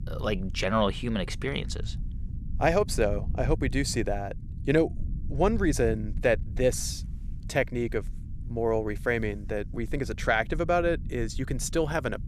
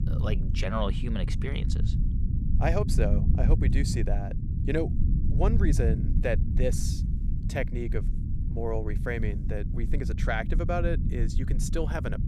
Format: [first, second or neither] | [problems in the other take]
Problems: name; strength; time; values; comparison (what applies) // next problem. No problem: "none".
first | low rumble; loud; throughout; 8 dB below the speech; faint in the first